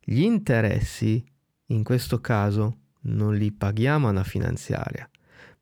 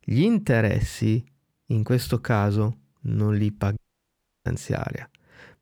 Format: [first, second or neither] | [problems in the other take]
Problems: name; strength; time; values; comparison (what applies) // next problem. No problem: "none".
first | audio cutting out; at 4 s for 0.5 s